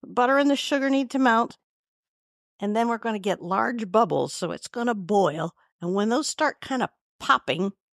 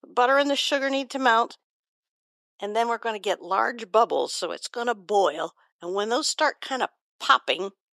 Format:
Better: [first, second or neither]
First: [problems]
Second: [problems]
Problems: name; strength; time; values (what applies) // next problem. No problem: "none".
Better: first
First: none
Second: thin; somewhat; fading below 350 Hz